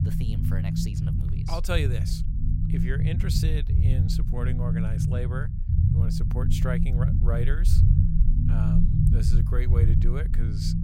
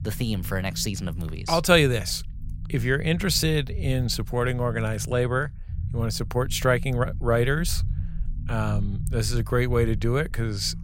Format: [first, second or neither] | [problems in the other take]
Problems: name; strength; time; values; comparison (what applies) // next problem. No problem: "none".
second | low rumble; loud; throughout; as loud as the speech; faint in the second